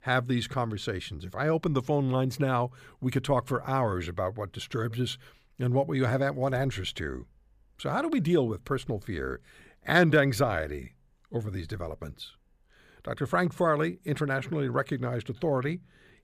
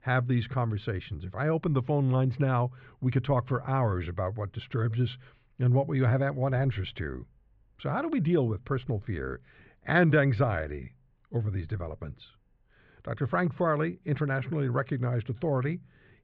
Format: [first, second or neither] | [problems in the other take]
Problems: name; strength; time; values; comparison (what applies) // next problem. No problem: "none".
first | muffled; very; fading above 3 kHz